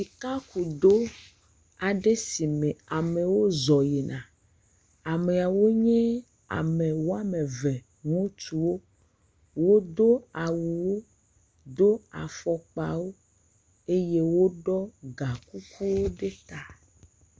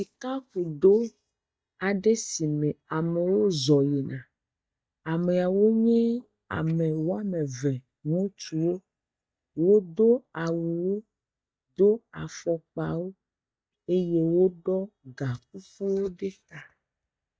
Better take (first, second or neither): first